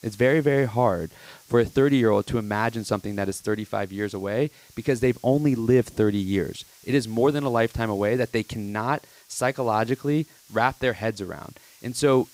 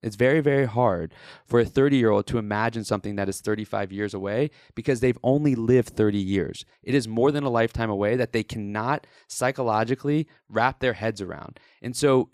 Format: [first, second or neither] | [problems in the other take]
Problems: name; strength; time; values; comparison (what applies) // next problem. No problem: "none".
second | hiss; faint; throughout; 25 dB below the speech